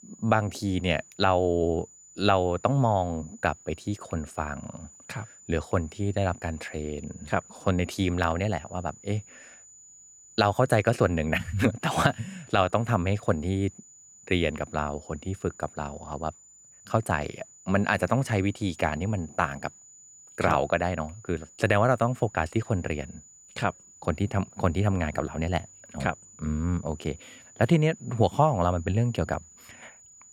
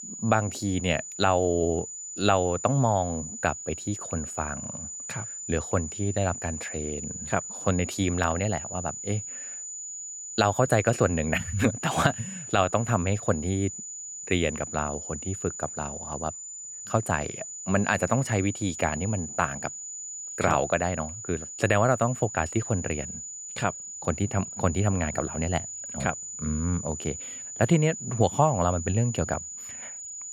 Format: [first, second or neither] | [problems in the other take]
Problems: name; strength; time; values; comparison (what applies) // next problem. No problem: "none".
first | high-pitched whine; loud; throughout; 7 kHz, 8 dB below the speech; faint in the first